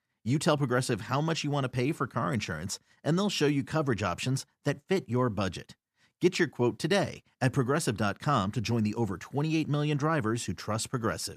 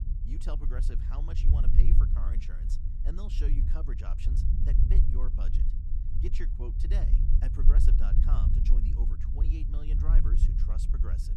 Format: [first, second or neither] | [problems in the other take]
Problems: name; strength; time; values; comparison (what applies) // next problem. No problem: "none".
first | low rumble; loud; throughout; 1 dB below the speech